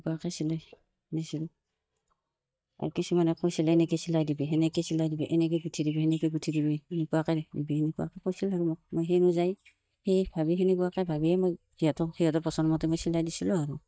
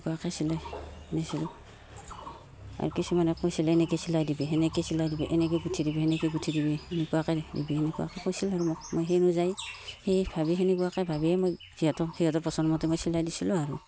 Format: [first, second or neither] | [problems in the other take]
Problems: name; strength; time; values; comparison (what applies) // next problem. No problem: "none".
second | noise reduction (neural mask model DeepFilterNet 3)